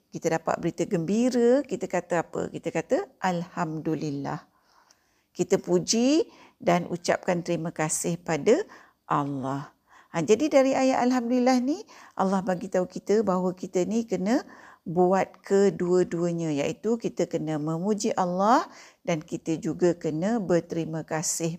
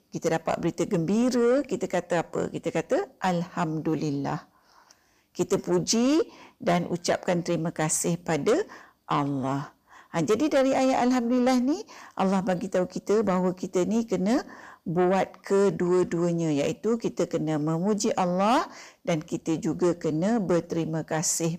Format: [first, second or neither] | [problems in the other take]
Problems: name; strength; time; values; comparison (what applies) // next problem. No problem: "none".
first | distortion; slight; 10 dB below the speech